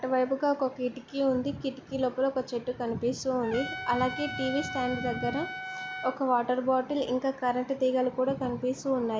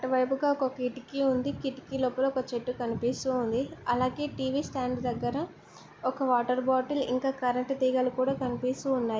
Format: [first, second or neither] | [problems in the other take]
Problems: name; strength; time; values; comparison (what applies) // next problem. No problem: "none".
second | background sound (Trumpet); 9 dB below the speech